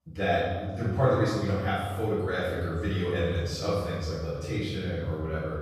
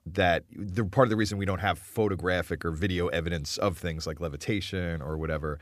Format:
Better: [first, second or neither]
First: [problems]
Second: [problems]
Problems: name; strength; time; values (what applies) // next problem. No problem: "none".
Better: second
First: off-mic speech; far // room echo; strong; dies away in 1.4 s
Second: none